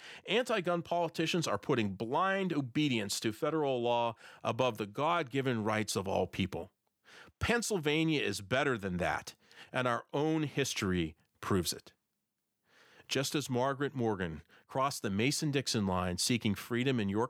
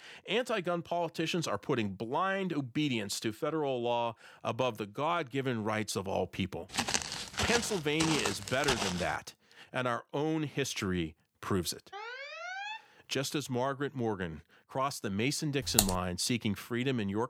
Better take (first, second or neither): first